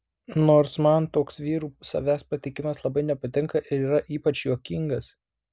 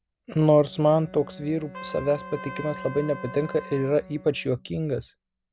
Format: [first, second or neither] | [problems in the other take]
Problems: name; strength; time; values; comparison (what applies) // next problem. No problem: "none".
first | background sound (Trumpet + Bowed string instrument); 16 dB below the speech